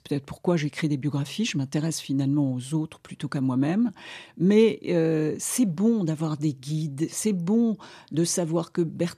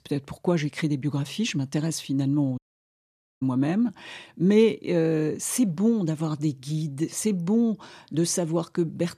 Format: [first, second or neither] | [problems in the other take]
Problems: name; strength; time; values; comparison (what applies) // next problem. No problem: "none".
first | audio cutting out; at 2.5 s for 1 s